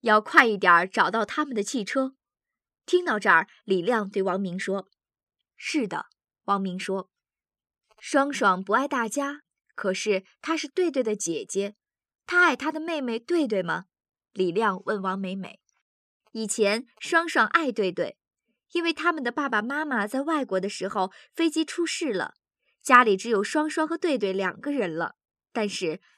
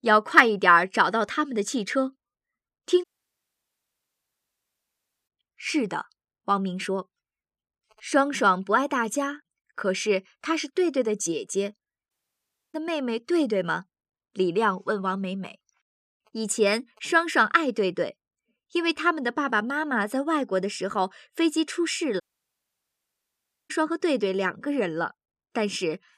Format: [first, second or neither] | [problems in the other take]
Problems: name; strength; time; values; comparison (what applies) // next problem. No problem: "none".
first | audio cutting out; at 3 s for 2.5 s, at 12 s for 0.5 s and at 22 s for 1.5 s